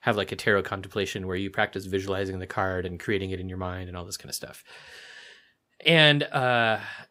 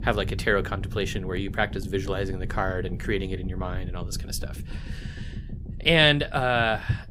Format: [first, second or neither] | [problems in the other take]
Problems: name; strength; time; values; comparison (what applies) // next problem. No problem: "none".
first | low rumble; faint; throughout; 20 dB below the speech